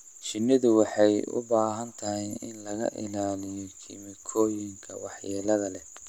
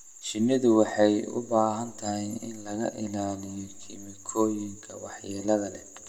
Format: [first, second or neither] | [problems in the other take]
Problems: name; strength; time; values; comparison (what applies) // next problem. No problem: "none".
first | room echo; dies away in 1.2 s